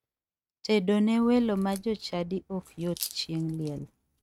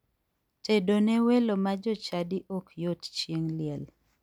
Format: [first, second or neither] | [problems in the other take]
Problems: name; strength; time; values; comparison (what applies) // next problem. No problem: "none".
second | noise reduction (neural mask model RNNoise)